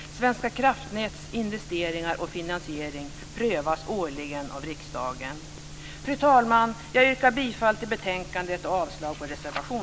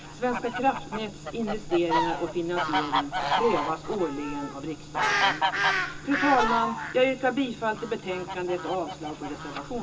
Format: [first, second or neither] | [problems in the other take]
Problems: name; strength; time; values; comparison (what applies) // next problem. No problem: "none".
first | background sound (Fowl); 1 dB below the speech // room echo; dies away in 0.2 s